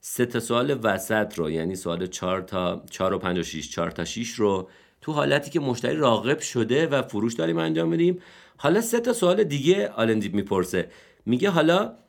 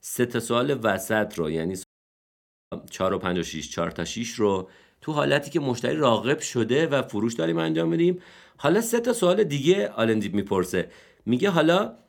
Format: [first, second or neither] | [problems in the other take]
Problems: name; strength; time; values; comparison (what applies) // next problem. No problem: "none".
first | audio cutting out; at 2 s for 1 s